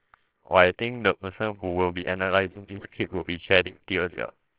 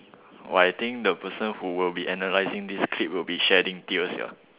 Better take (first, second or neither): second